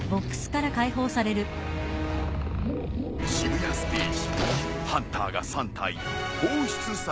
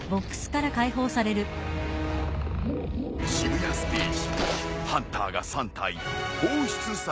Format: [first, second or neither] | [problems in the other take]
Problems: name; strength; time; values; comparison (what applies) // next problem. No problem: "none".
second | background sound (Idling / Accelerating, revving, vroom / Car); 10 dB below the speech